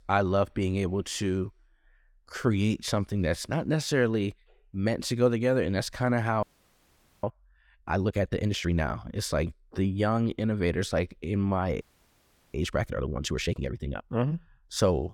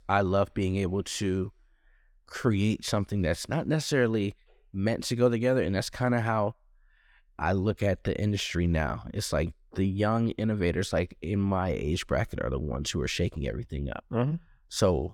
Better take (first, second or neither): second